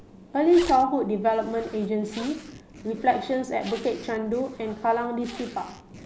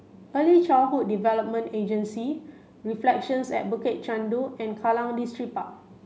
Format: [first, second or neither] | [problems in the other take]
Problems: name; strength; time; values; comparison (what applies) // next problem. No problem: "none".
second | background sound (Zipper (clothing)); 18 dB below the speech